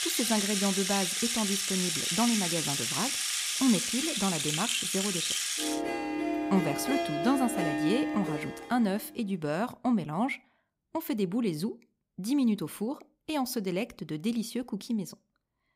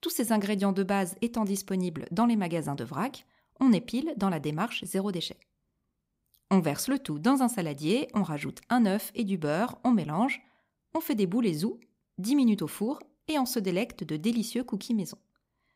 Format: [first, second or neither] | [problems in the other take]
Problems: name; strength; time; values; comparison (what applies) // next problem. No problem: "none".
second | background music; very loud; until 8.5 s; 2 dB above the speech